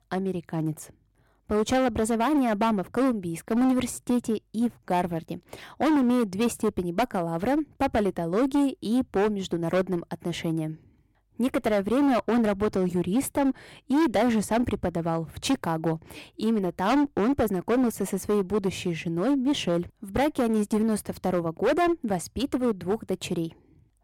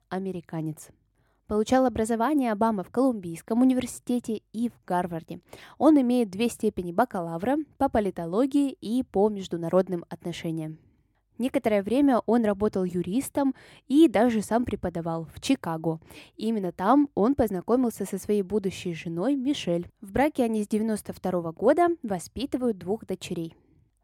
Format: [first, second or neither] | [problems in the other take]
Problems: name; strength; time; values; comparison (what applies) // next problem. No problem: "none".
second | distortion; heavy; 13% of the sound clipped